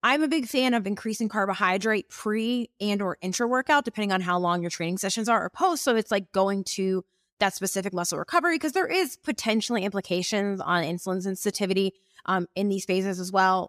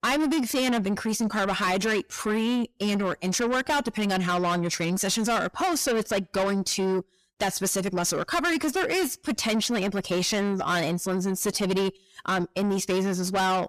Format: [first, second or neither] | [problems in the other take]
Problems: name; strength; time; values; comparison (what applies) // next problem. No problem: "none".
first | distortion; heavy; 6 dB below the speech